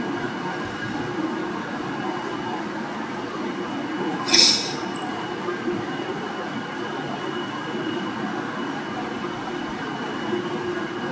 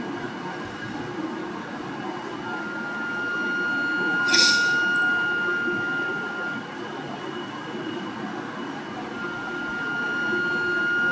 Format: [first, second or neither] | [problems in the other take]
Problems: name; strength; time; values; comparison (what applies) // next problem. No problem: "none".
first | background sound (Wind instrument, woodwind instrument); 2 dB above the speech